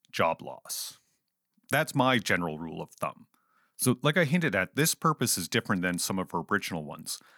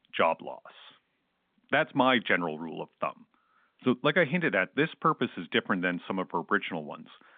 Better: first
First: none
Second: phone-call audio; nothing above 3.5 kHz

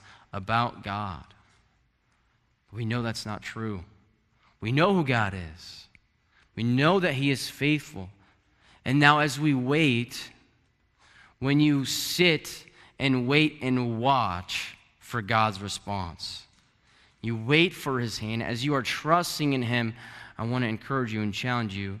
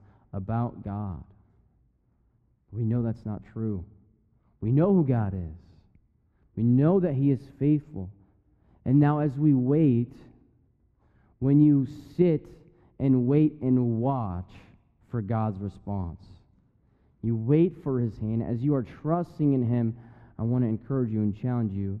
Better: first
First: none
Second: muffled; very; fading above 1 kHz

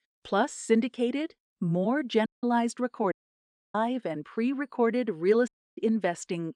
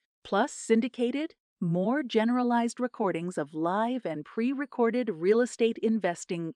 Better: second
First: audio cutting out; at 2.5 s, at 3 s for 0.5 s and at 5.5 s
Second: none

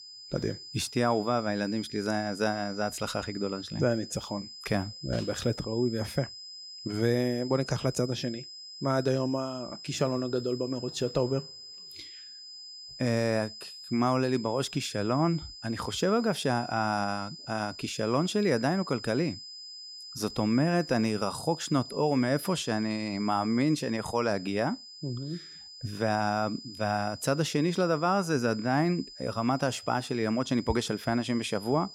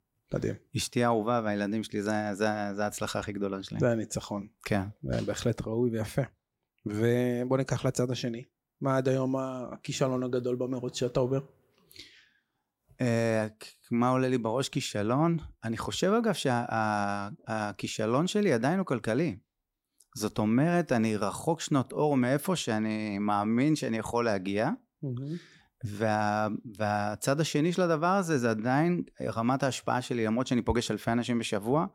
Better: second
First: high-pitched whine; noticeable; throughout; 5 kHz, 15 dB below the speech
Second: none

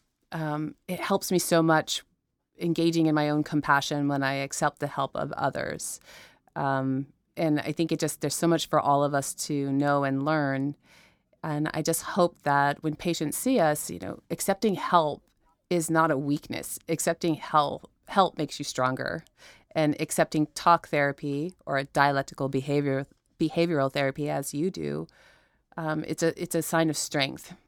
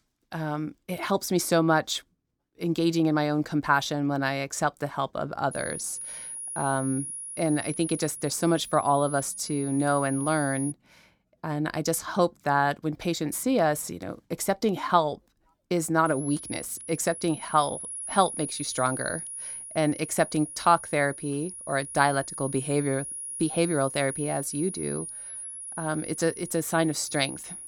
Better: first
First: none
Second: high-pitched whine; loud; from 5.5 to 11 s and from 16 s on; 10.5 kHz, 8 dB below the speech

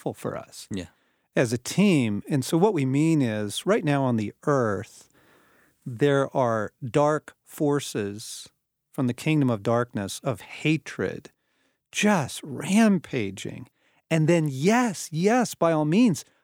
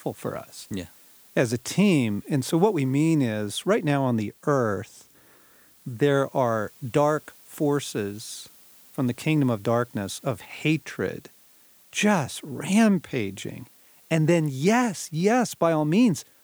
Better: first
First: none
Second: hiss; faint; throughout; 25 dB below the speech

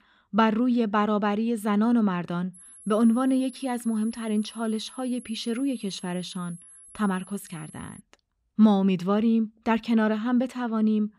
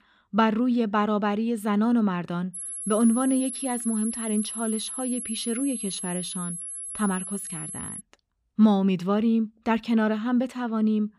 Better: first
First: high-pitched whine; faint; from 2.5 to 8 s; 11 kHz, 20 dB below the speech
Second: high-pitched whine; loud; from 2.5 to 8 s; 11 kHz, 7 dB below the speech

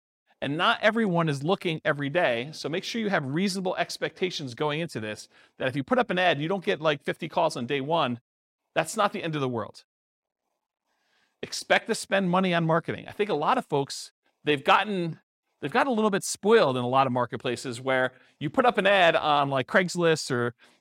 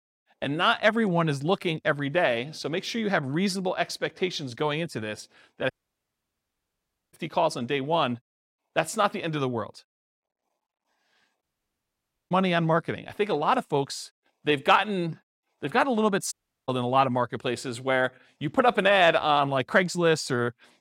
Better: first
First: none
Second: audio cutting out; at 5.5 s for 1.5 s, at 11 s for 1 s and at 16 s

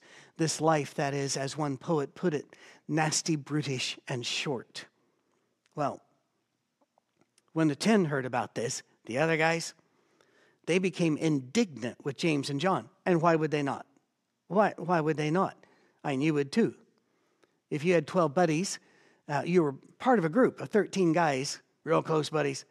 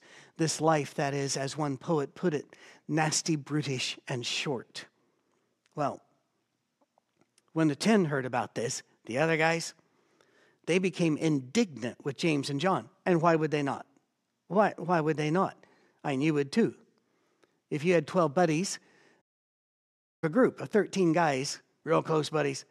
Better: first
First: none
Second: audio cutting out; at 19 s for 1 s

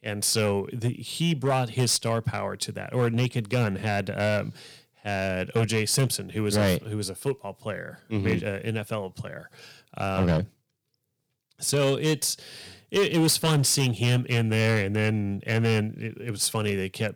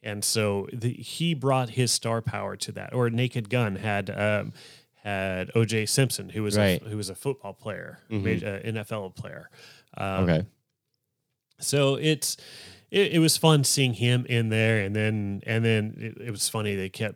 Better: second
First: distortion; slight; 5% of the sound clipped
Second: none

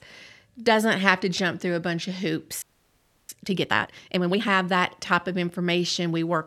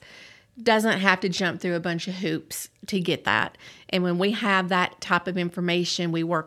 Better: second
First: audio freezing; at 2.5 s for 0.5 s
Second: none

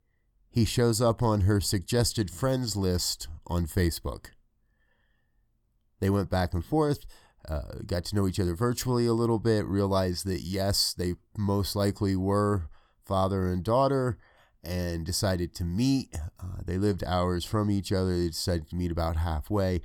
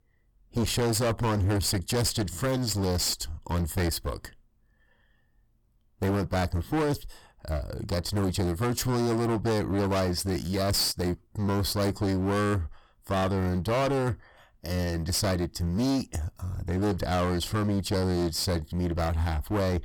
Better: first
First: none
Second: distortion; heavy; 22% of the sound clipped

